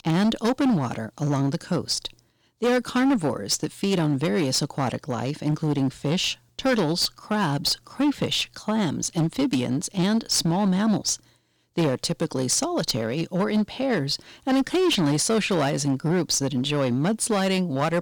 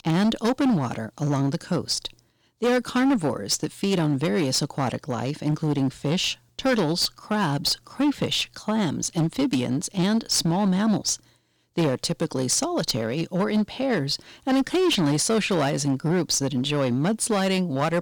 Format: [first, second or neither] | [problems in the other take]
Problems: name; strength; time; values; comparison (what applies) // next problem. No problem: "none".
neither | distortion; slight; 10% of the sound clipped; the same in both